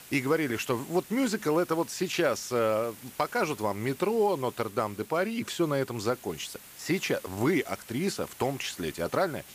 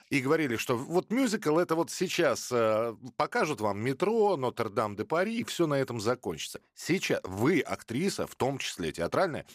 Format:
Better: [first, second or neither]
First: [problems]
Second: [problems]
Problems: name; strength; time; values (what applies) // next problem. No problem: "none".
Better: second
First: hiss; noticeable; throughout; 20 dB below the speech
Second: none